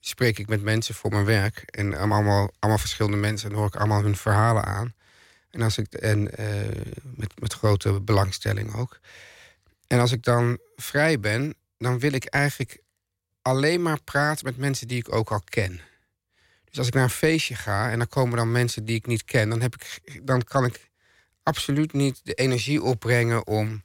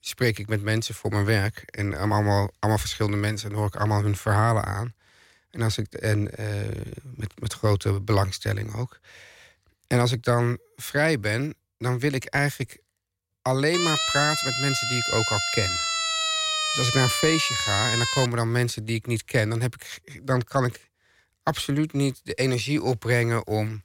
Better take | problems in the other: first | siren; loud; from 14 to 18 s; peak 3 dB above the speech

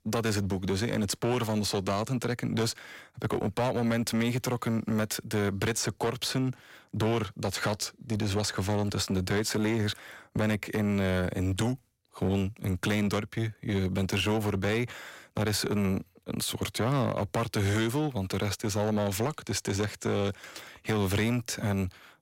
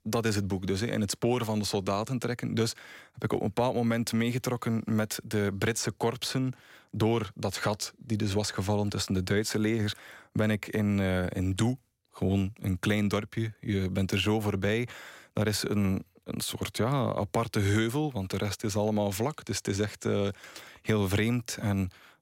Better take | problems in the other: second | distortion; slight; 12% of the sound clipped

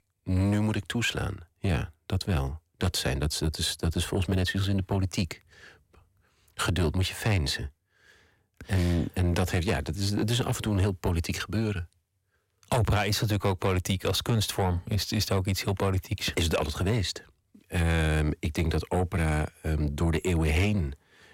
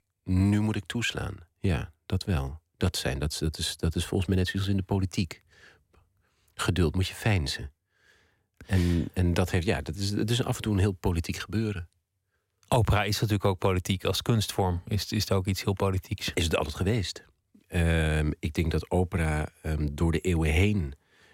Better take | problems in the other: second | distortion; slight; 10 dB below the speech

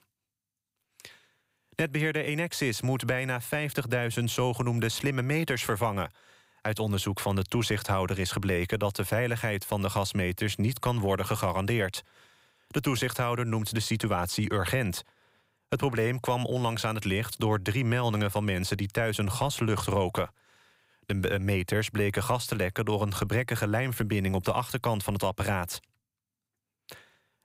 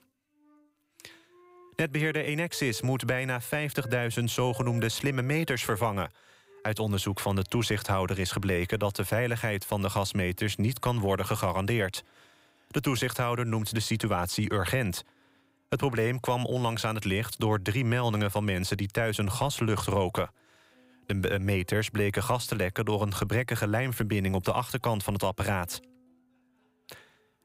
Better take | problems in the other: first | background music; faint; throughout; 25 dB below the speech

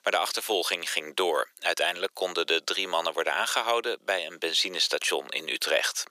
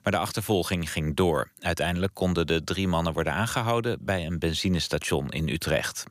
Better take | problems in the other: second | thin; very; fading below 400 Hz

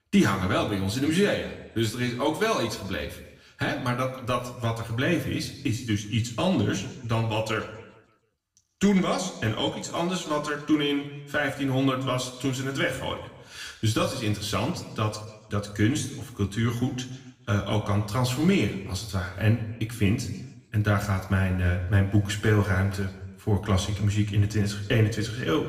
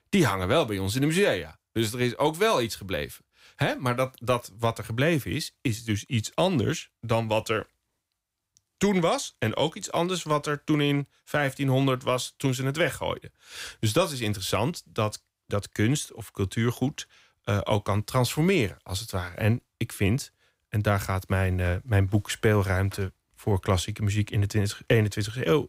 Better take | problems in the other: second | room echo; slight; dies away in 0.9 s // off-mic speech; somewhat distant

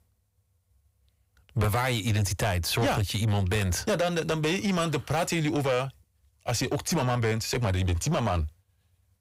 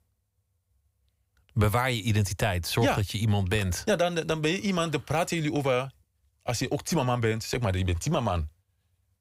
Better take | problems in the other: second | distortion; slight; 10 dB below the speech

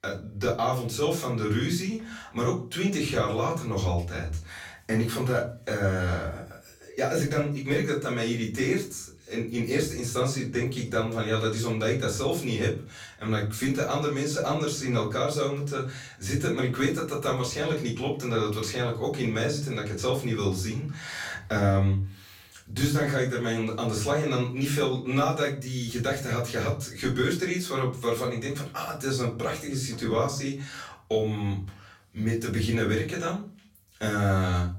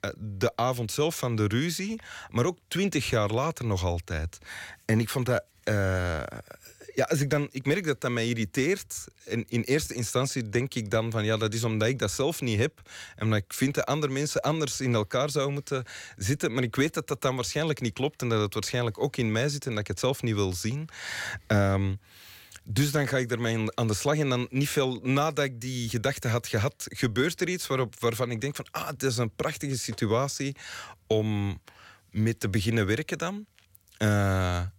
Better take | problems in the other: second | off-mic speech; far // room echo; slight; dies away in 0.3 s

